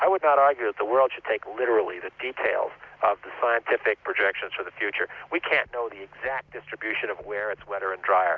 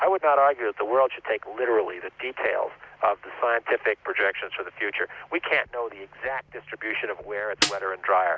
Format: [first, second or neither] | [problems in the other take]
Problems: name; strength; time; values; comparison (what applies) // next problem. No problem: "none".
first | background sound (Snare drum); 2 dB below the speech